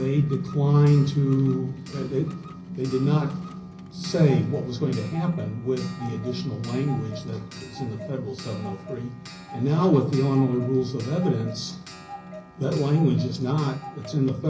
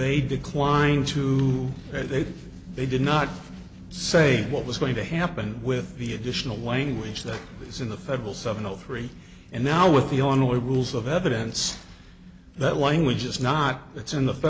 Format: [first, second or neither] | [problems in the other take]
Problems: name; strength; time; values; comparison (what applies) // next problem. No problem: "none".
second | background sound (Clock); 19 dB below the speech // room echo; dies away in 0.5 s